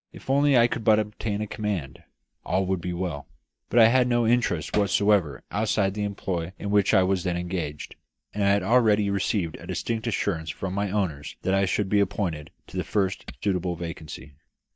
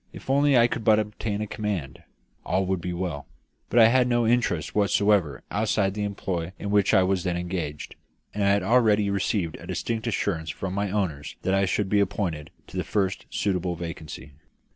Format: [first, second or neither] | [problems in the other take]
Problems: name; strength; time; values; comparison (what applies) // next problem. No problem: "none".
second | noise reduction (neural mask model DeepFilterNet 3)